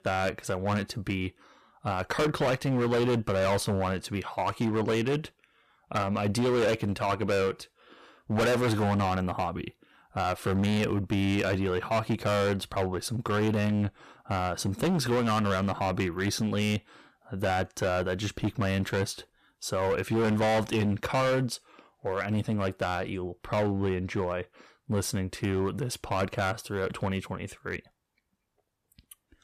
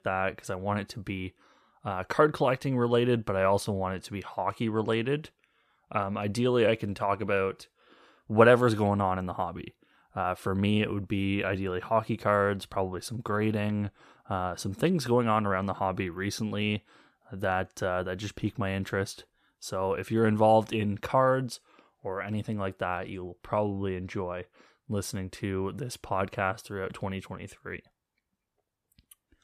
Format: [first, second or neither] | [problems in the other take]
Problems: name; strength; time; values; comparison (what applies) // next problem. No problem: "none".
second | distortion; heavy; 13% of the sound clipped